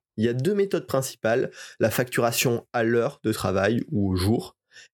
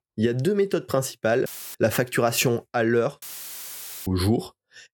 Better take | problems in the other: first | audio cutting out; filled with static; at 1.5 s and at 3 s for 1 s

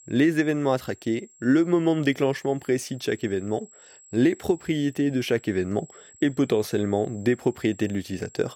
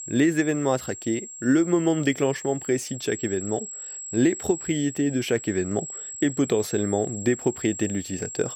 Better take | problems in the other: first | high-pitched whine; loud; throughout; 7.5 kHz, 10 dB below the speech; faint in the first

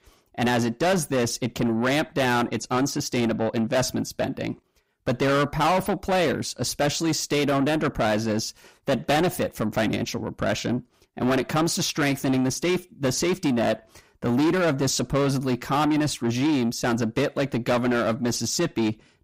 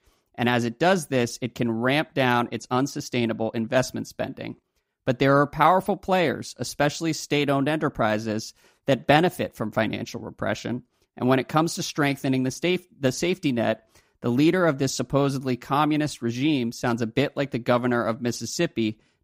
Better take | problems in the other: second | distortion; heavy; 7 dB below the speech

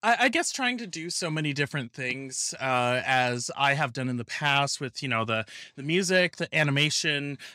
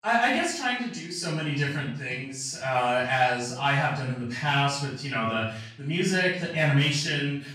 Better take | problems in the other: first | off-mic speech; far // room echo; noticeable; dies away in 0.6 s

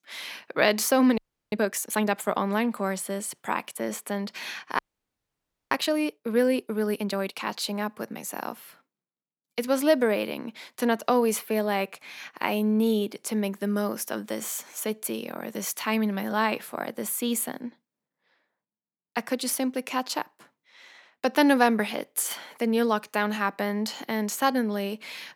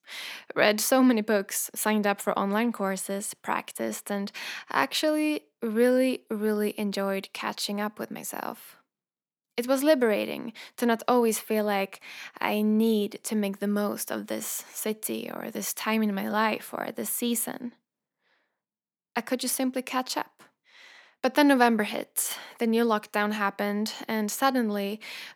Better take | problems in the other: second | audio freezing; at 1 s and at 5 s for 1 s

